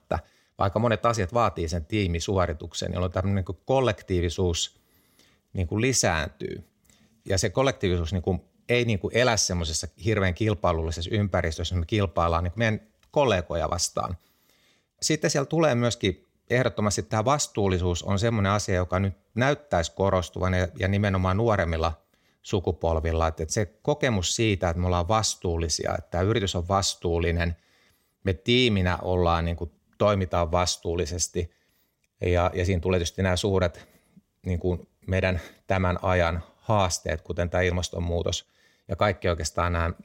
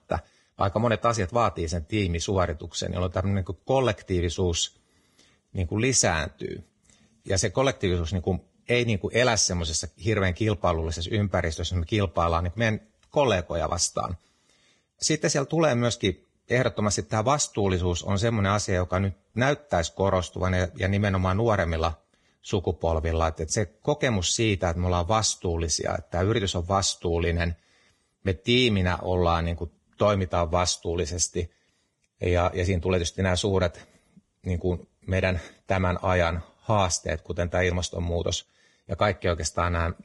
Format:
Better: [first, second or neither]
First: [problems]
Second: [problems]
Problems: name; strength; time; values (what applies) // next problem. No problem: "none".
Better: first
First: none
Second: garbled, watery; badly